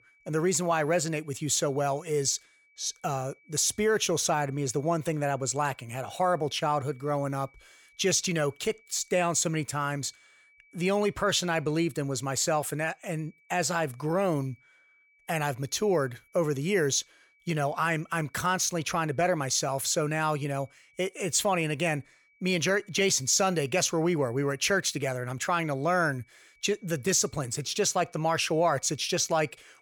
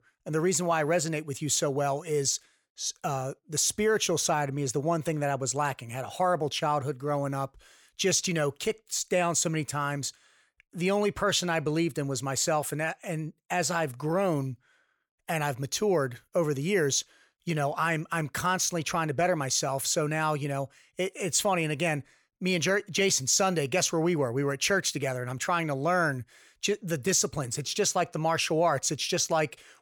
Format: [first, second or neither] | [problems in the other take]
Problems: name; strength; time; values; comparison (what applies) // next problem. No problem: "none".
second | high-pitched whine; faint; throughout; 2.5 kHz, 35 dB below the speech